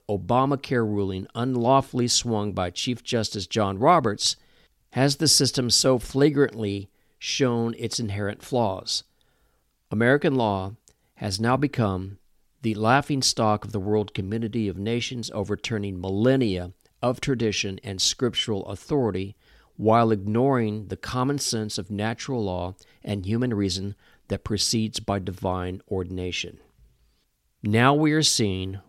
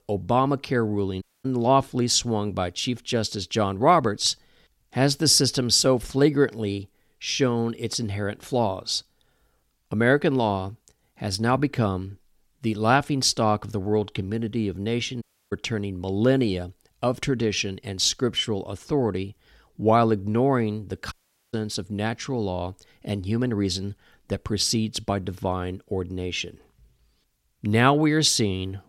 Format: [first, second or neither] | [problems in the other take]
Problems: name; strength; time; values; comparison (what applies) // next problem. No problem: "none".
first | audio cutting out; at 1 s, at 15 s and at 21 s